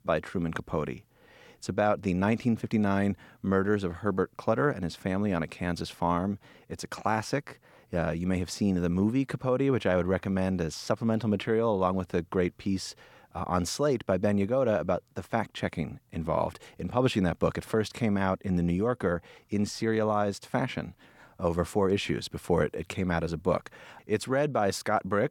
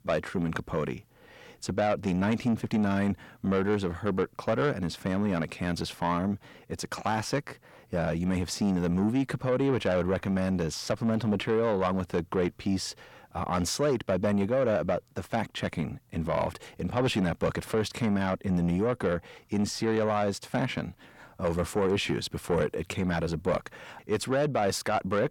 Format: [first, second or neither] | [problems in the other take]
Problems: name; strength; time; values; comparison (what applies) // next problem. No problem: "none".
first | distortion; slight; 10 dB below the speech